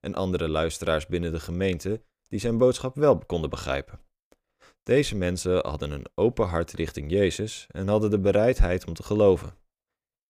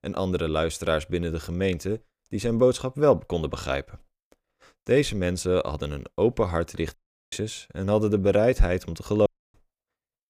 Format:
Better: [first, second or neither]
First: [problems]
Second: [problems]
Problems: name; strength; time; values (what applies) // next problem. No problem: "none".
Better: first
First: none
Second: audio cutting out; at 7 s and at 9.5 s